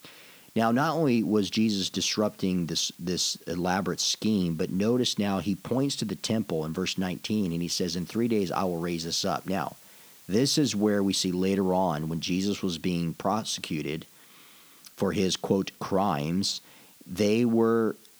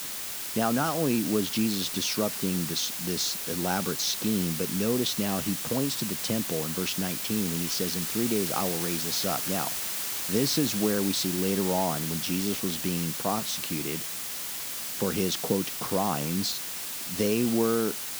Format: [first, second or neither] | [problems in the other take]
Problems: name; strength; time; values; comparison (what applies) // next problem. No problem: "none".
first | hiss; loud; throughout; 2 dB below the speech; faint in the first